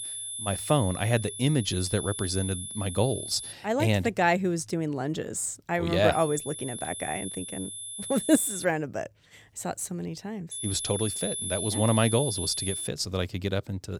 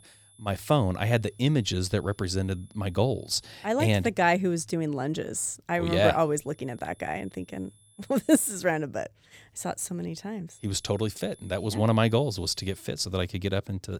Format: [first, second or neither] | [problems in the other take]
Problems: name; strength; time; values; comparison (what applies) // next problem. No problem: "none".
second | high-pitched whine; loud; until 3.5 s, from 6 to 8.5 s and from 11 to 13 s; 10.5 kHz, 5 dB below the speech; faint in the second